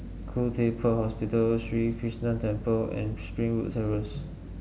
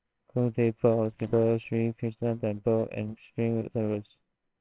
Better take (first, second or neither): first